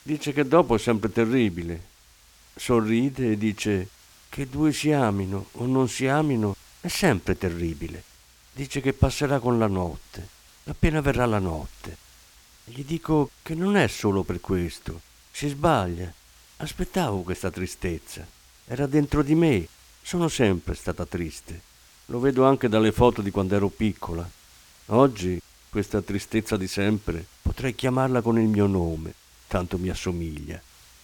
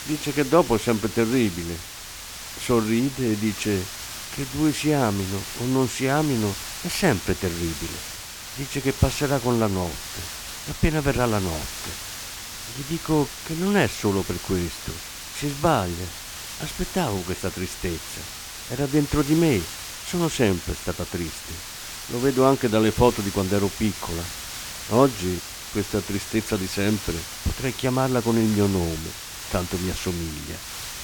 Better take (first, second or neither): first